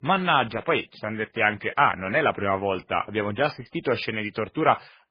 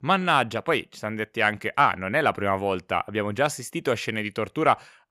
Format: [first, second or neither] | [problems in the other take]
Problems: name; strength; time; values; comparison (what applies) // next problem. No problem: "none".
second | garbled, watery; badly; nothing above 5 kHz